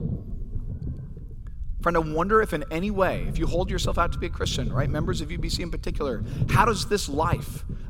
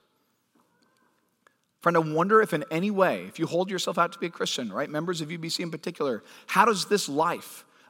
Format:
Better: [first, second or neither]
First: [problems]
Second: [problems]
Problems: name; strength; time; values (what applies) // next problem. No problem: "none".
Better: second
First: low rumble; noticeable; throughout; 15 dB below the speech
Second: none